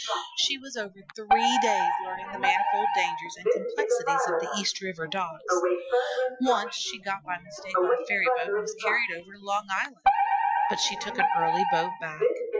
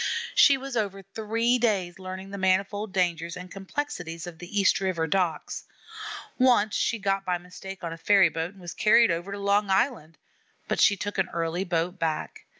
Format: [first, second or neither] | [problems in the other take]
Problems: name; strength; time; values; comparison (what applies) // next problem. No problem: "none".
second | noise reduction (classical method Wiener filter)